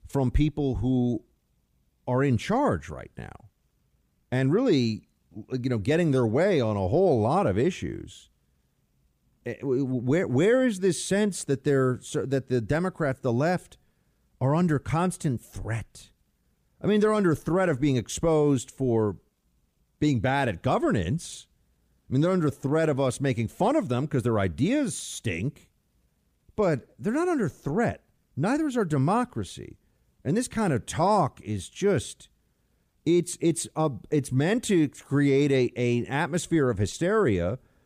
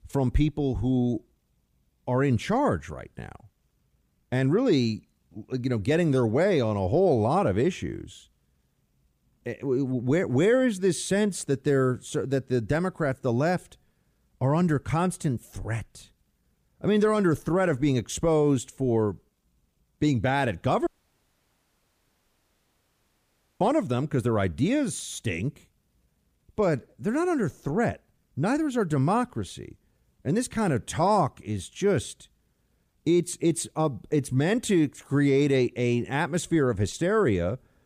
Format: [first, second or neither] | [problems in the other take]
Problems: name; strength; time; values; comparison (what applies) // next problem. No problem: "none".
first | audio cutting out; at 21 s for 2.5 s